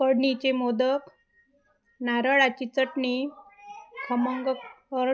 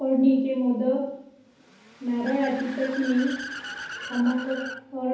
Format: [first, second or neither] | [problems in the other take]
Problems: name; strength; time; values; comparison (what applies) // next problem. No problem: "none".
first | background sound (Accelerating, revving, vroom / Car); 14 dB below the speech // room echo; dies away in 0.9 s